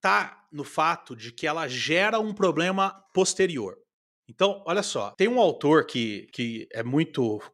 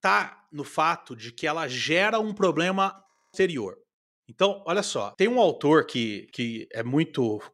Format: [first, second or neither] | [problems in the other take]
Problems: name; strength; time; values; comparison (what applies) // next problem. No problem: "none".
first | audio freezing; at 3 s